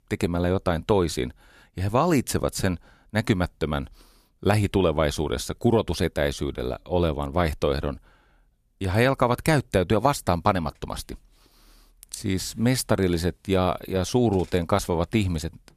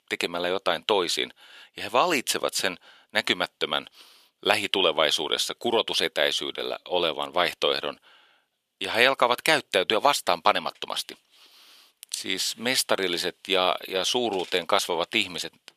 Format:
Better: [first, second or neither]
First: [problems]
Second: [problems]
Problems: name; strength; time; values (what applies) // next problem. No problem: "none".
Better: first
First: none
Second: thin; somewhat; fading below 450 Hz